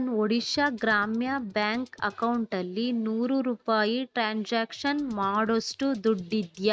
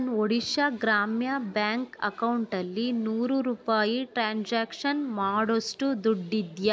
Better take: second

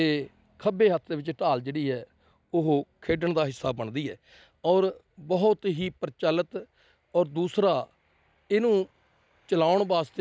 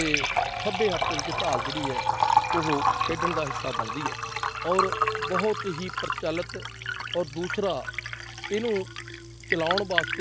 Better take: first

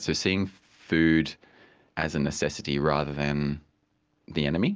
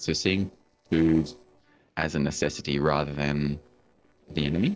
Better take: first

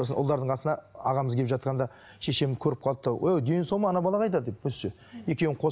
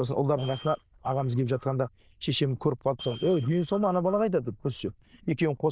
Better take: first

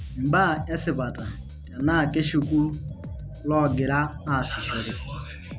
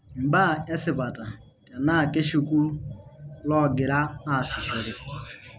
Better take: second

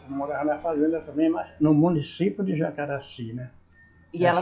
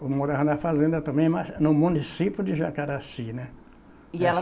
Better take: second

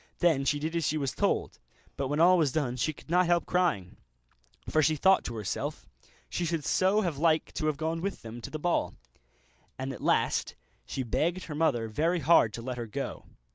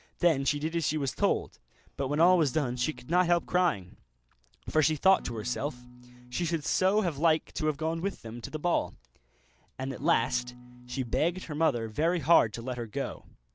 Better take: first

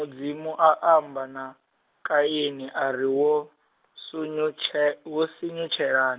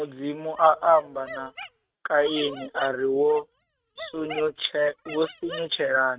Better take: first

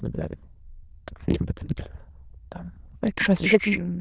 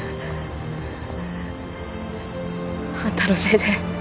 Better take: second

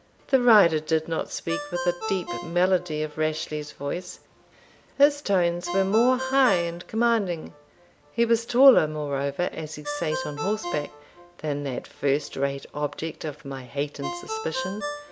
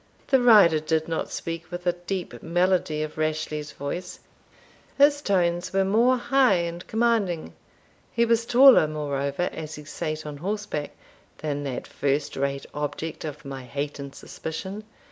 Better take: second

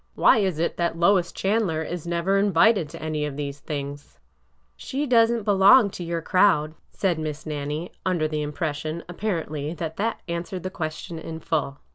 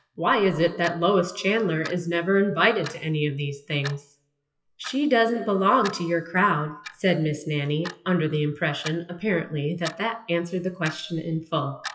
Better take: first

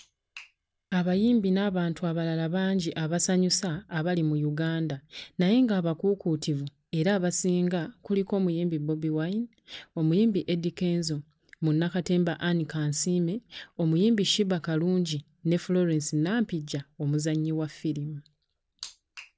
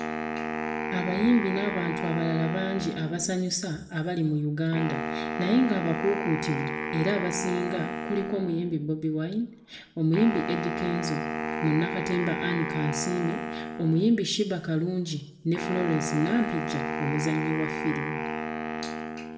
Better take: first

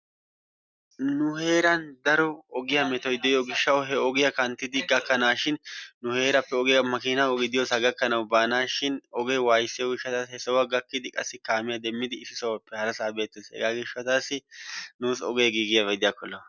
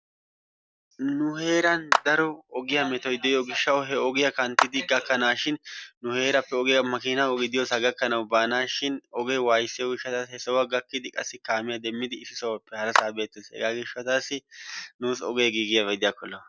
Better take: first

